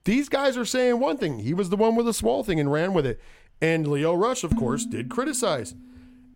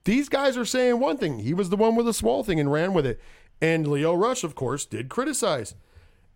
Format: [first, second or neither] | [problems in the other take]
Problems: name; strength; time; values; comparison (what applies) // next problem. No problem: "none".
second | clattering dishes; noticeable; at 4.5 s; peak 3 dB below the speech